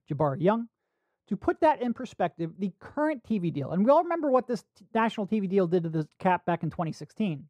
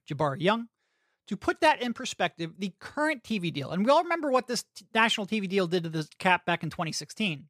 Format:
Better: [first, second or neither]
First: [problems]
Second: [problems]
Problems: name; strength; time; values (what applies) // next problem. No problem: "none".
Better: second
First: muffled; very; fading above 1.5 kHz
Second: none